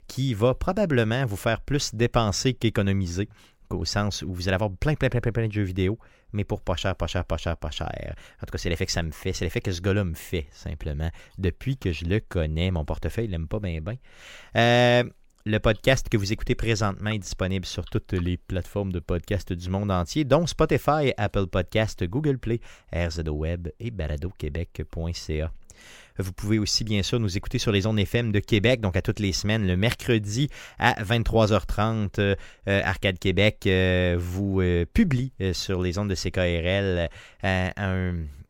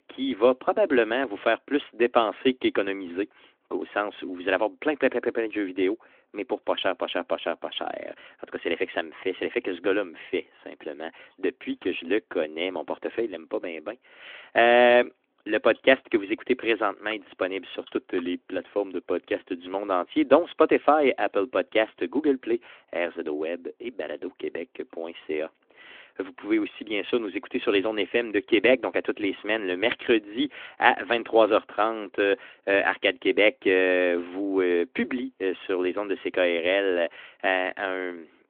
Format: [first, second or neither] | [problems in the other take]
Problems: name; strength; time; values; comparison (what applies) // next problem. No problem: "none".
first | phone-call audio; nothing above 3.5 kHz